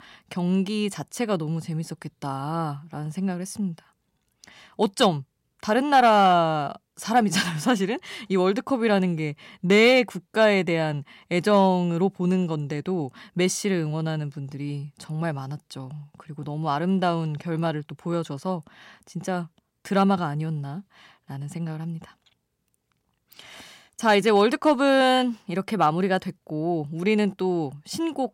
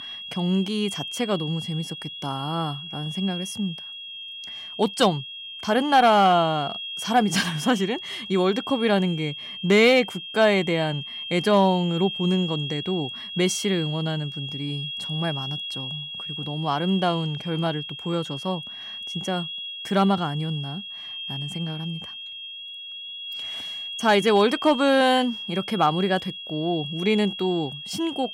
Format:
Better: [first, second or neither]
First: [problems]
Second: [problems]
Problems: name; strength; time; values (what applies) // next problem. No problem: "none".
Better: first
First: none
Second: high-pitched whine; loud; throughout; 3.5 kHz, 9 dB below the speech